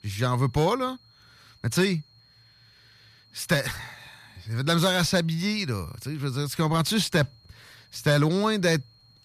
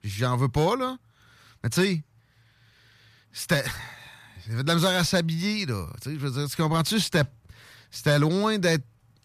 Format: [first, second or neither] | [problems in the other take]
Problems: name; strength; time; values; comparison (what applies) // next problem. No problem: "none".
second | high-pitched whine; faint; throughout; 4 kHz, 30 dB below the speech